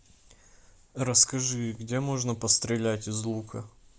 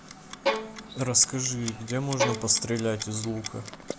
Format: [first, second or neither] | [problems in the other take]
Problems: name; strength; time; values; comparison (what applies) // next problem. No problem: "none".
first | background sound (Bowed string instrument + Clock); 5 dB below the speech